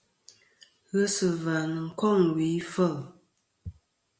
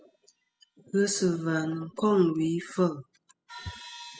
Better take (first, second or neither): first